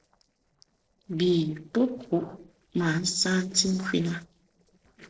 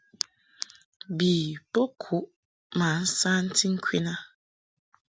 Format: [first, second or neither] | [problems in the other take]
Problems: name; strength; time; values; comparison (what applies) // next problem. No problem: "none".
second | noise reduction (neural separator model SepFormer DNS4)